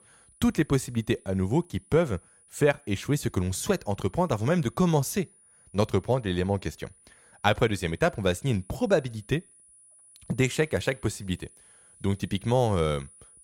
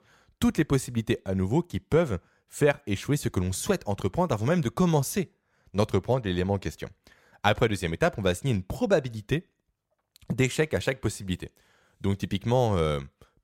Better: second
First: high-pitched whine; faint; throughout; 10 kHz, 25 dB below the speech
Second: none

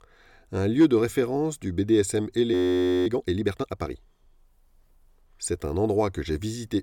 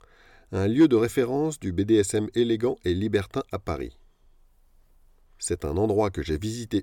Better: second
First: audio freezing; at 2.5 s for 0.5 s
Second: none

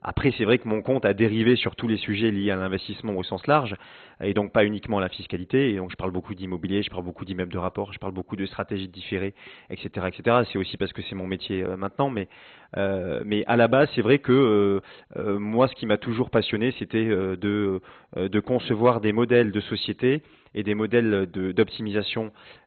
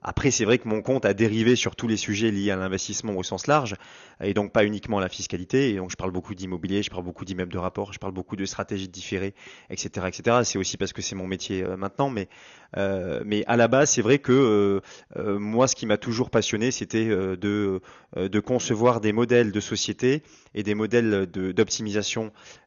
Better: second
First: garbled, watery; badly; nothing above 4 kHz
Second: garbled, watery; slightly; nothing above 6.5 kHz

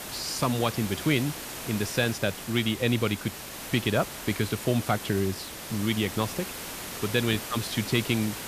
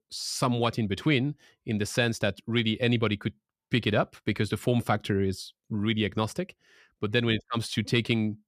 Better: second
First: hiss; loud; throughout; 8 dB below the speech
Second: none

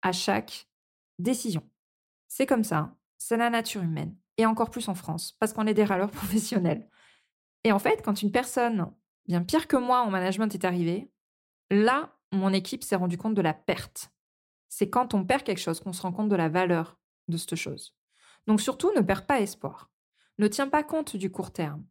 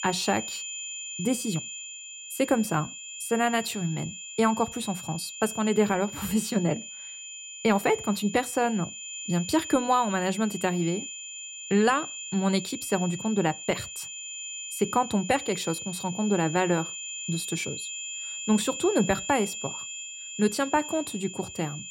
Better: first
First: none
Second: high-pitched whine; loud; throughout; 7 kHz, 8 dB below the speech

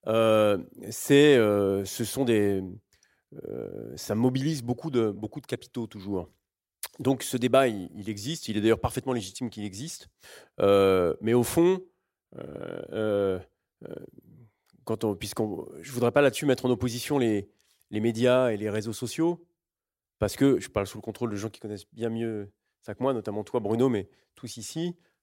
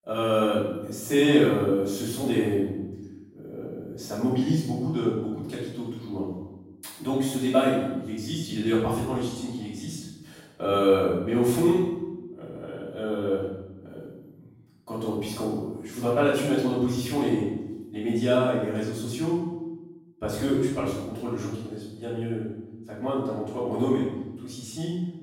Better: first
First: none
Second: room echo; strong; dies away in 0.9 s // off-mic speech; far

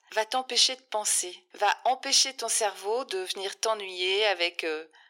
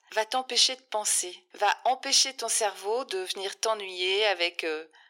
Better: neither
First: thin; very; fading below 400 Hz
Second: thin; very; fading below 400 Hz

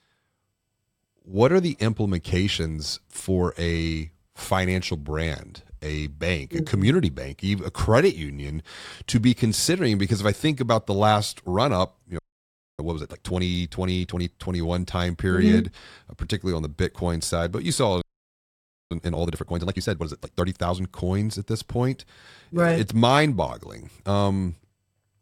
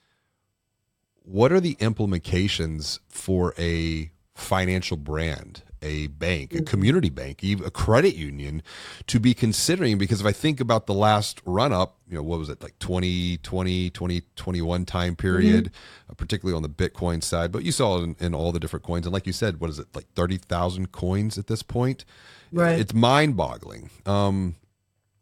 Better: second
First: audio freezing; at 12 s for 0.5 s and at 18 s for 1 s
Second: none

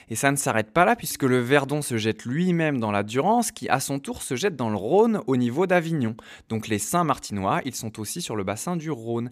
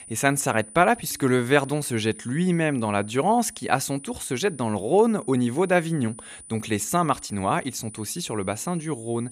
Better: first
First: none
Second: high-pitched whine; noticeable; throughout; 9.5 kHz, 15 dB below the speech

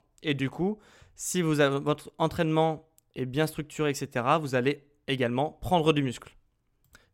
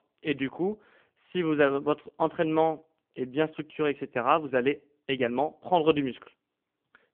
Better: first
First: none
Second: phone-call audio; poor line; nothing above 3 kHz

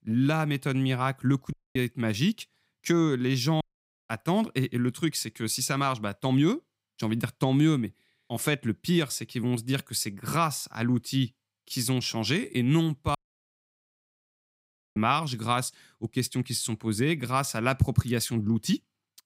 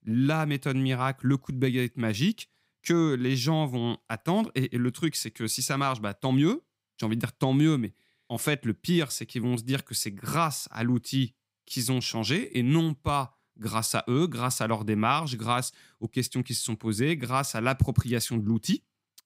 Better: second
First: audio cutting out; at 1.5 s, at 3.5 s and at 13 s for 2 s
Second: none

